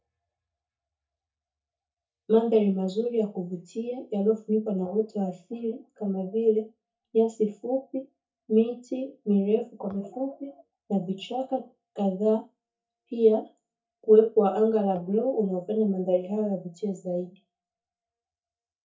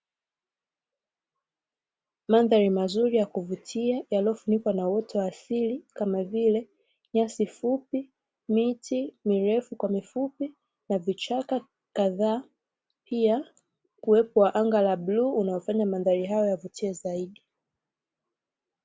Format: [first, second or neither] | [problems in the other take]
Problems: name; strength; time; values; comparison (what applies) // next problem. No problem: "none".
second | noise reduction (neural mask model DeepFilterNet 3)